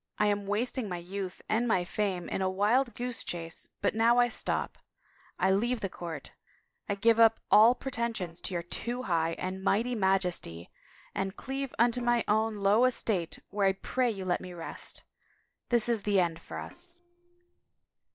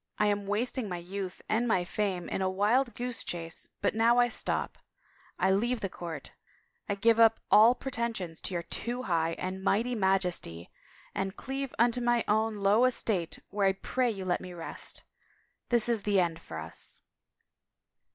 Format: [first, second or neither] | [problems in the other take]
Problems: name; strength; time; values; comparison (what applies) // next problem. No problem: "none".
second | noise reduction (neural separator model SepFormer DNS4)